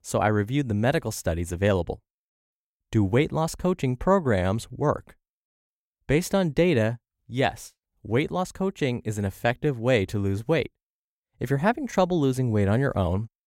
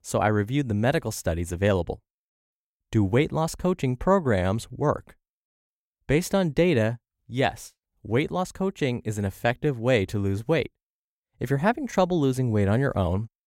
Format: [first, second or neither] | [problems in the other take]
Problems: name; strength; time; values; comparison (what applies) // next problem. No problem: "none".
neither | none